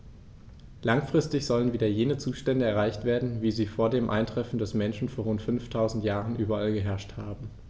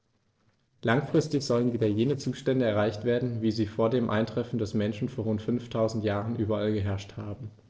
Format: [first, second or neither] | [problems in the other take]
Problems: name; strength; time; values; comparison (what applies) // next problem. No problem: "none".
first | noise reduction (neural separator model SepFormer DNS4)